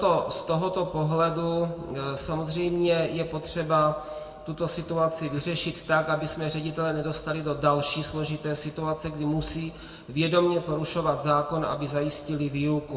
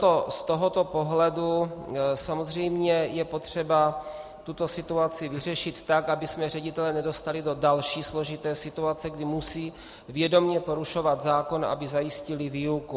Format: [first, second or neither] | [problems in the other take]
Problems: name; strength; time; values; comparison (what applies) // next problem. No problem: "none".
second | room echo; dies away in 1.2 s